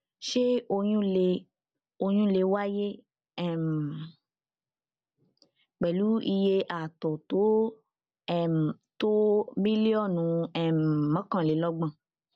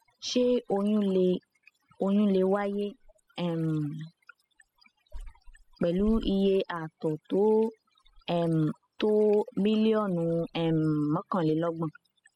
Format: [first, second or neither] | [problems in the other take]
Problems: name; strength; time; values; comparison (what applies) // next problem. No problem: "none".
first | noise reduction (classical method spectral subtraction)